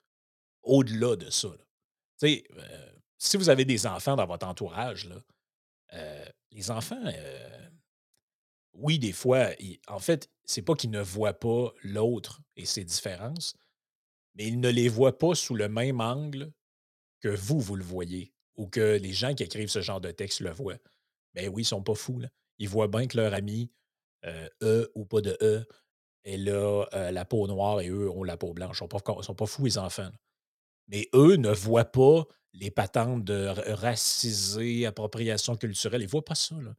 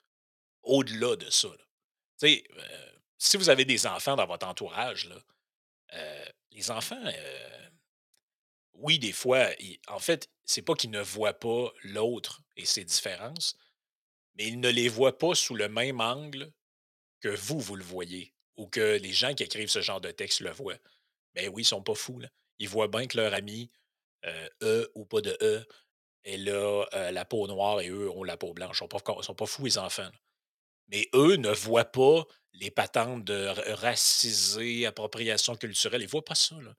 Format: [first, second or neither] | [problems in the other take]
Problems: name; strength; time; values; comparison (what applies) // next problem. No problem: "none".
first | thin; very slightly; fading below 1 kHz